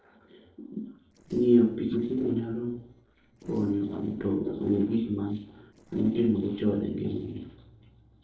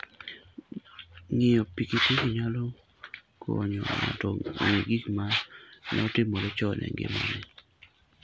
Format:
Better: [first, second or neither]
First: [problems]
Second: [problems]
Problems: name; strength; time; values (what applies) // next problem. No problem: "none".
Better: second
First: noise reduction (neural separator model SepFormer DNS4)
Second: none